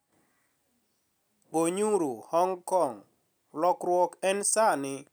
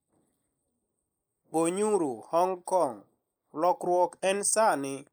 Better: first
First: none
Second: noise reduction (neural mask model Resemble Enhance denoiser)

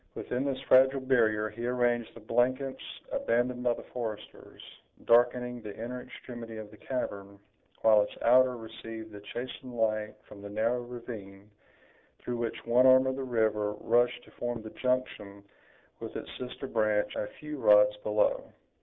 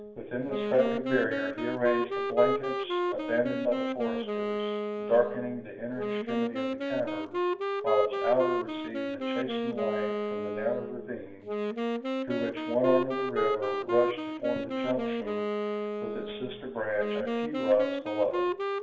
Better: first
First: none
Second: background sound (Wind instrument, woodwind instrument); as loud as the speech // room echo; dies away in 0.9 s

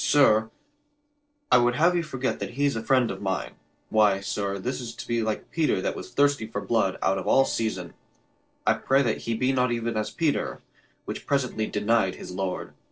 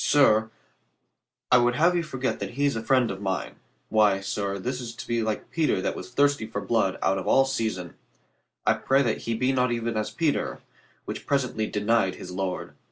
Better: second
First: noise reduction (neural separator model SepFormer DNS4)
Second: none

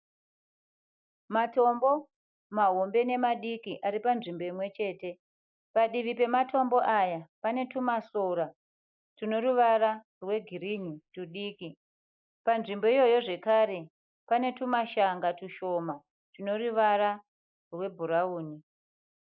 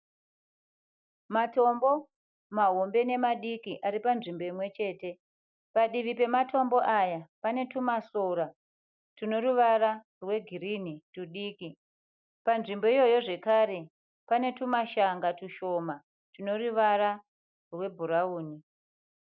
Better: second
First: noise reduction (neural mask model Resemble Enhance denoiser)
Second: none

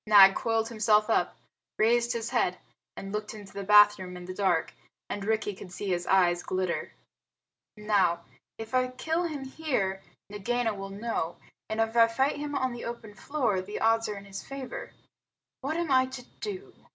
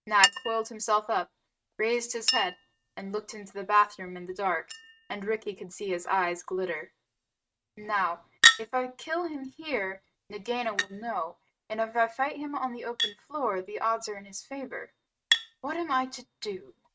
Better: first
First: none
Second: noise reduction (neural mask model RNNoise)

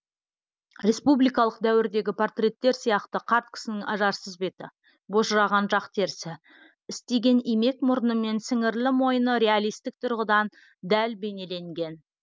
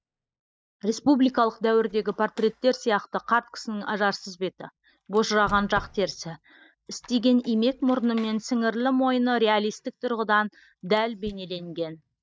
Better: first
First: none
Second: noise reduction (neural mask model DeepFilterNet 3)

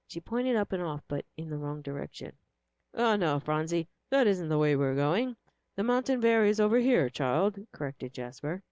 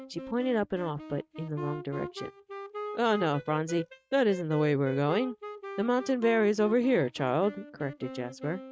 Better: first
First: none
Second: noise reduction (neural mask model RNNoise)

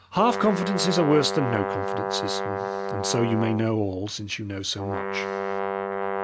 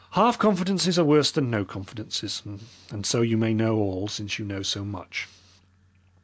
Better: second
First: background sound (Brass instrument); 3 dB below the speech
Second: none

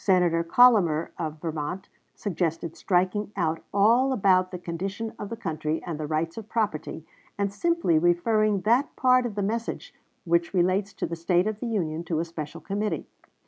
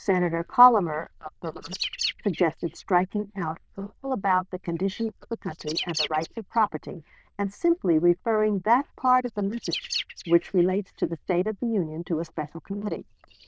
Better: first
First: none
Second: noise reduction (neural diffusion model UNIVERSE++)

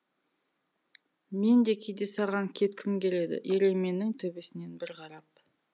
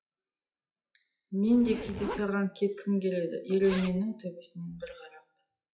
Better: first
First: none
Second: noise reduction (classical method WPE with log-MMSE)

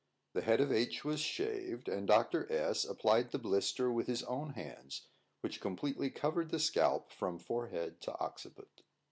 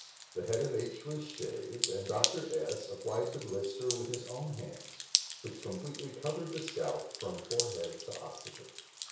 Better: first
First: none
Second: background sound (Drip); 3 dB below the speech // room echo; dies away in 0.6 s

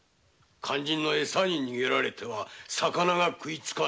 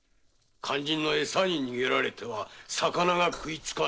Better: first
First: none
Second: noise reduction (neural separator model SepFormer DNS4)

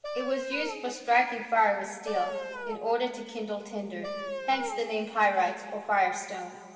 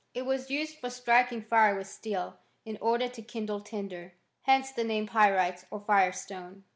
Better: second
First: background sound (Wind instrument, woodwind instrument); 10 dB below the speech // room echo; dies away in 2.5 s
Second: none

